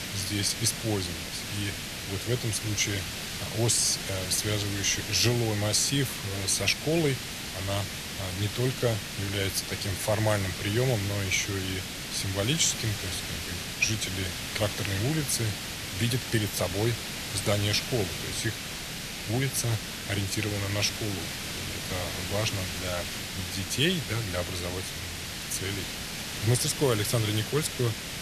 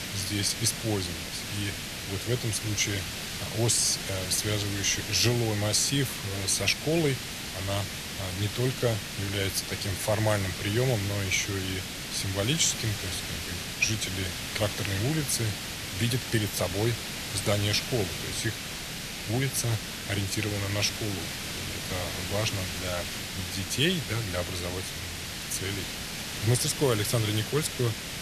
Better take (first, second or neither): neither